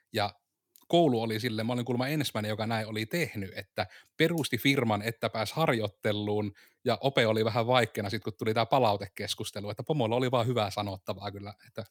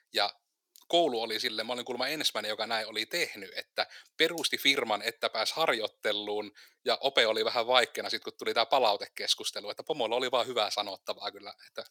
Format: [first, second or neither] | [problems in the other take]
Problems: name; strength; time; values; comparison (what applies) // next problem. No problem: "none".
first | thin; somewhat; fading below 500 Hz